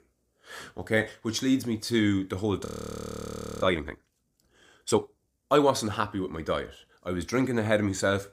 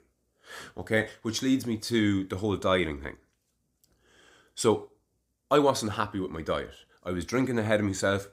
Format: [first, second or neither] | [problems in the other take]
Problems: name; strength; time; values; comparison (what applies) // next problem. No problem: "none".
second | audio freezing; at 2.5 s for 1 s